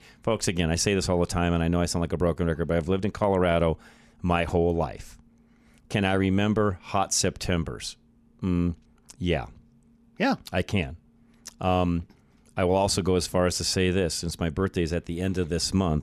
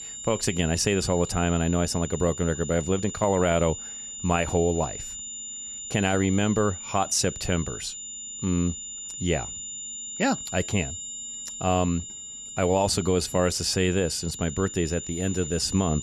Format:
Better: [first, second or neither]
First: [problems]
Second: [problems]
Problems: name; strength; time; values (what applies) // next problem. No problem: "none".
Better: first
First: none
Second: high-pitched whine; loud; throughout; 7 kHz, 9 dB below the speech